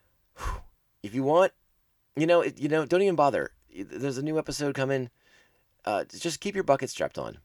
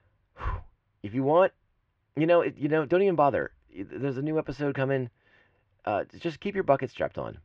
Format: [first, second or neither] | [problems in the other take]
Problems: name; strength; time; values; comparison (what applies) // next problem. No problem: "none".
first | muffled; very; fading above 3 kHz